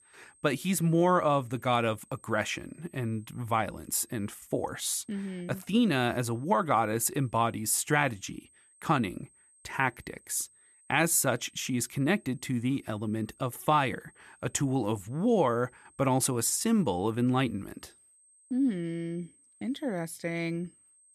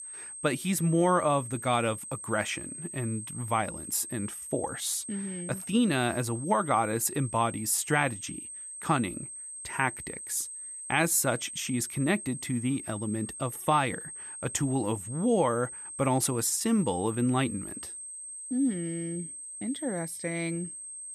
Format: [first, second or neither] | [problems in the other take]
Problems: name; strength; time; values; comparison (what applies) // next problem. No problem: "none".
first | high-pitched whine; loud; throughout; 8.5 kHz, 9 dB below the speech; faint in the first